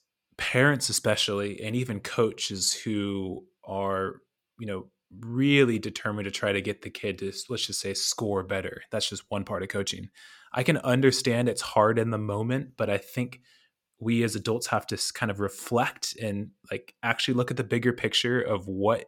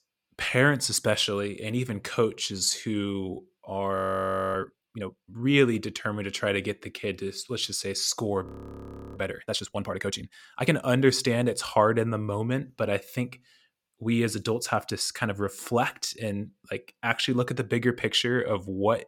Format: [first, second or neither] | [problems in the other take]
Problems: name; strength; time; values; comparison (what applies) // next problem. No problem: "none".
first | audio freezing; at 4 s for 0.5 s and at 8.5 s for 0.5 s